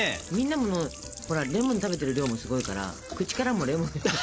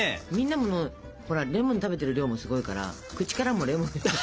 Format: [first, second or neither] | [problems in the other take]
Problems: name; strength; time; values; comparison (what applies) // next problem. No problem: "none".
second | background sound (Sink (filling or washing)); 15 dB below the speech